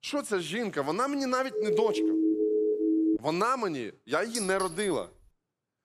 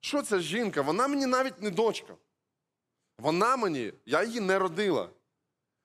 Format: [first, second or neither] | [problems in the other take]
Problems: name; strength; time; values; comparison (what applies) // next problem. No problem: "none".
second | siren; loud; from 1.5 to 3 s; peak 4 dB above the speech // clattering dishes; noticeable; at 4.5 s; peak 4 dB below the speech